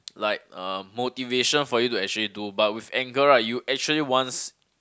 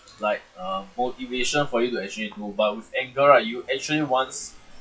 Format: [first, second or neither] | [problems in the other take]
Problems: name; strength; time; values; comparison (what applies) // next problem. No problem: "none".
first | noise reduction (classical method WPE with log-MMSE)